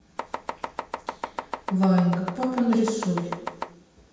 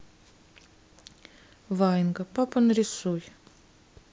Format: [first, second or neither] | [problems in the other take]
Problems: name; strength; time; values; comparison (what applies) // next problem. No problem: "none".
second | background sound (Domestic sounds, home sounds); 8 dB below the speech // room echo; dies away in 1.2 s